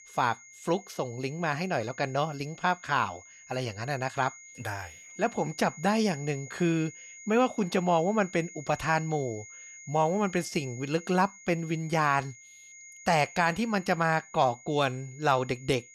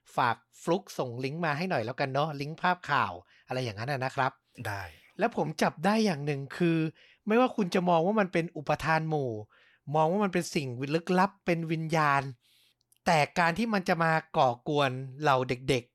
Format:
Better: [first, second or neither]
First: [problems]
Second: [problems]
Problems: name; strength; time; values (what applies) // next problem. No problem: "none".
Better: second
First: high-pitched whine; noticeable; throughout; 6.5 kHz, 20 dB below the speech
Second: none